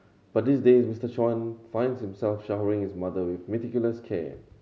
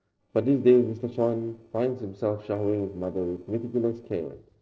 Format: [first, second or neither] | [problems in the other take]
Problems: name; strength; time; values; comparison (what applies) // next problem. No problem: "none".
first | noise reduction (neural separator model SepFormer DNS4)